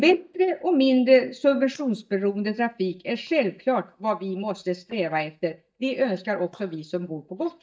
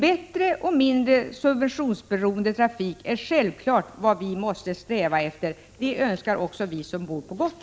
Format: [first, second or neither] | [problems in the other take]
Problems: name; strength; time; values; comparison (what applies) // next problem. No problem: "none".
second | noise reduction (neural mask model DeepFilterNet 3)